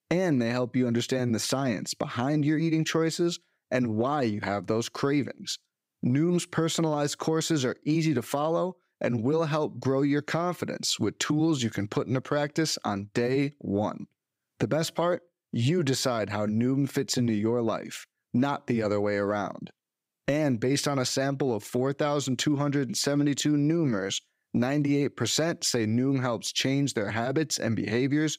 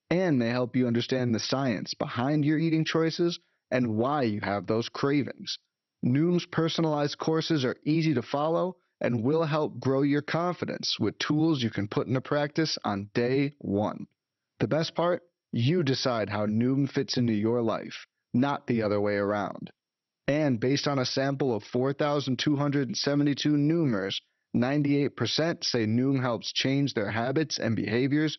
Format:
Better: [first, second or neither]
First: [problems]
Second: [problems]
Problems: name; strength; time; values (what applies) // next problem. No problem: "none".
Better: first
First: none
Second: garbled, watery; slightly; nothing above 6 kHz